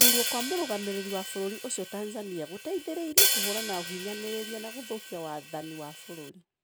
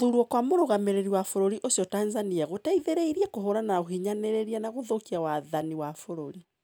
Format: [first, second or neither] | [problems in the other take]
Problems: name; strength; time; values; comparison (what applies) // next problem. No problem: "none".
second | background sound (Hi-hat); 4 dB above the speech